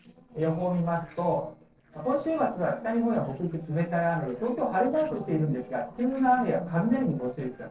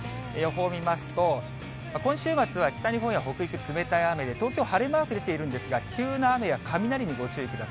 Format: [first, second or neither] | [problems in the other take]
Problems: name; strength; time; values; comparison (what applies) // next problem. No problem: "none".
second | noise reduction (neural separator model SepFormer DNS4)